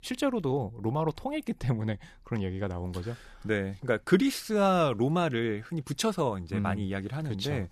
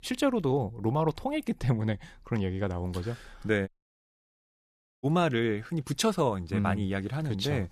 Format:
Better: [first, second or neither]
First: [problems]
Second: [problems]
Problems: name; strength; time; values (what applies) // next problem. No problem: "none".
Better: first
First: none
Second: audio cutting out; at 3.5 s for 1.5 s